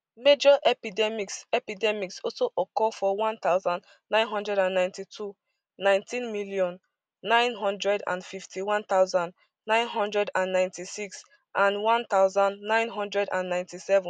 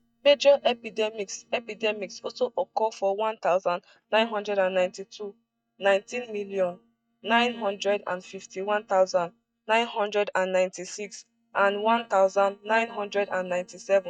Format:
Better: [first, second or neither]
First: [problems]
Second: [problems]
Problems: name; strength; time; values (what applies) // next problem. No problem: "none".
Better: first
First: none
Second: noise reduction (neural mask model DeepFilterNet 3)